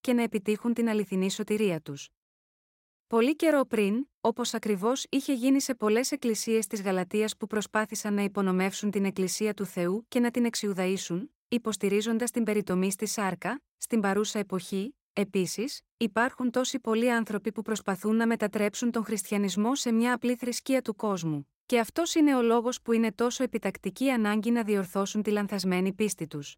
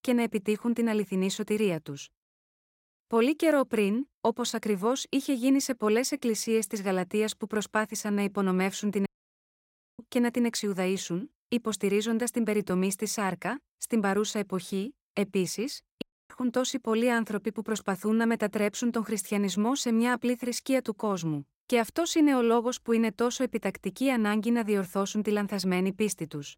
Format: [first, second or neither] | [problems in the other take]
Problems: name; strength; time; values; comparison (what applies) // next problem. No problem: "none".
first | audio cutting out; at 9 s for 1 s and at 16 s